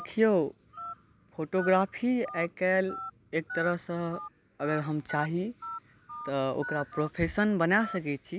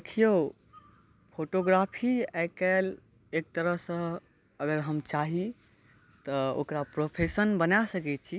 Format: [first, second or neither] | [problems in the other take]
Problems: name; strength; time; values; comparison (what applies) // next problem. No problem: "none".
second | background sound (Telephone); 13 dB below the speech